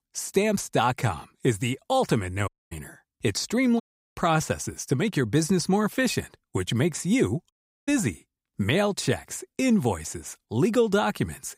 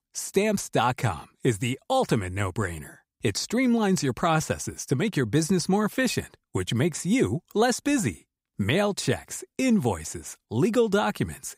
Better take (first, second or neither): second